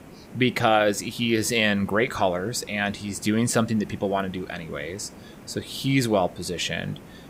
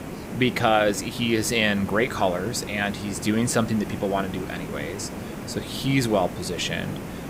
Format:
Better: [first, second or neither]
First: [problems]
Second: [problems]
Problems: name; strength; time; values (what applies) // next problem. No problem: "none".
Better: first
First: hiss; faint; throughout; 20 dB below the speech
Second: hiss; loud; throughout; 10 dB below the speech